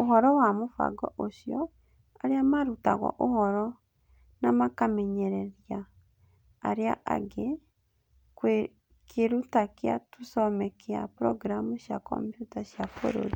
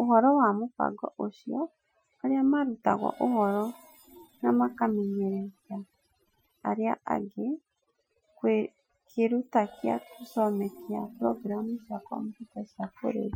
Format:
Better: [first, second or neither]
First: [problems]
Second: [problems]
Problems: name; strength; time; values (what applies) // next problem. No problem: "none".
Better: first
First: none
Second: noise reduction (classical method Wiener filter)